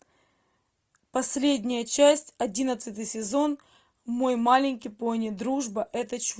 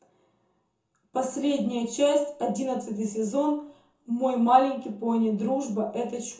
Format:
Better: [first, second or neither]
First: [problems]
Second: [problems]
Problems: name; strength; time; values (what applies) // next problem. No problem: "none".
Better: first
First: none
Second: room echo; dies away in 0.6 s